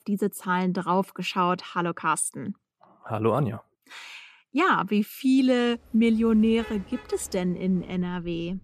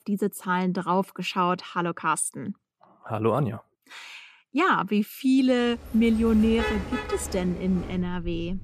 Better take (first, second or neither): first